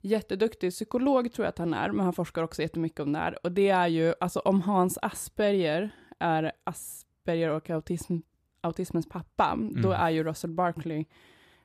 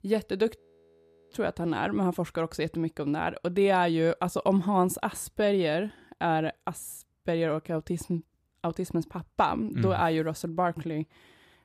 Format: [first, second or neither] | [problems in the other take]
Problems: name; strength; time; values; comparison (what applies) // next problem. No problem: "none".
first | audio freezing; at 0.5 s for 0.5 s